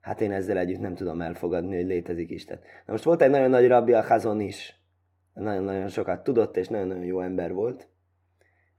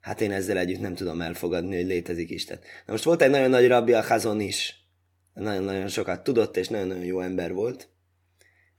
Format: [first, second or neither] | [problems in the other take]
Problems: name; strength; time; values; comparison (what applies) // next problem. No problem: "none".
second | muffled; very; fading above 2.5 kHz